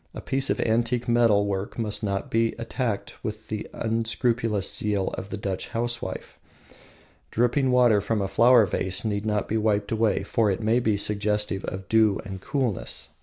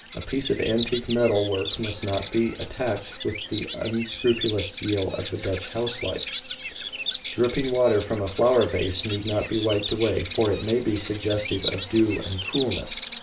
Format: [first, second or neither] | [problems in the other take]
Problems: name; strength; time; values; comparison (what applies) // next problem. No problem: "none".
first | background sound (Bird vocalization, bird call, bird song); 9 dB below the speech // room echo; dies away in 0.3 s